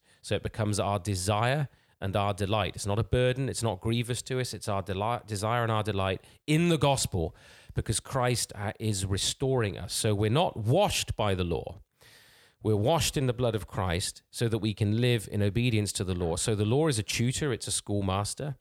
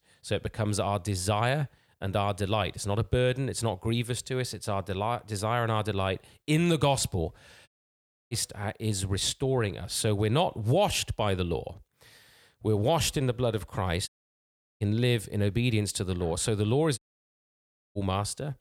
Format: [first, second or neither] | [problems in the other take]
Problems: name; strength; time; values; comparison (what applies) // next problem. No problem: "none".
first | audio cutting out; at 7.5 s for 0.5 s, at 14 s for 0.5 s and at 17 s for 1 s